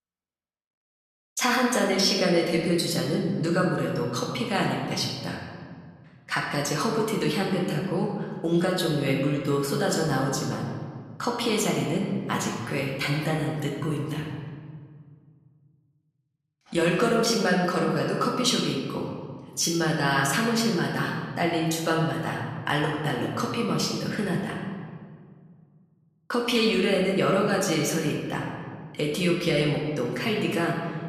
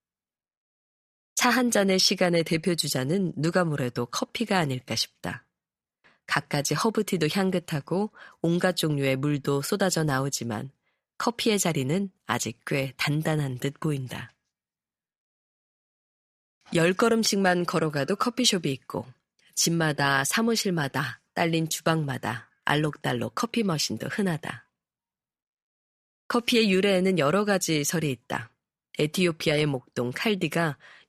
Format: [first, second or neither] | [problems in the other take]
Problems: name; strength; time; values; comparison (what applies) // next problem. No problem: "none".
second | room echo; noticeable; dies away in 1.5 s // off-mic speech; somewhat distant